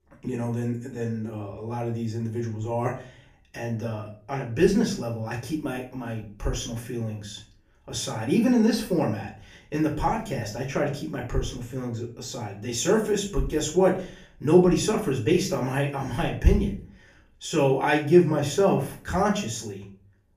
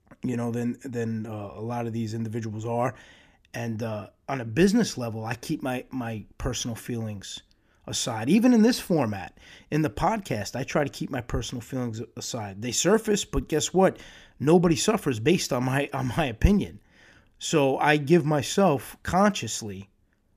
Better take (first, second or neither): second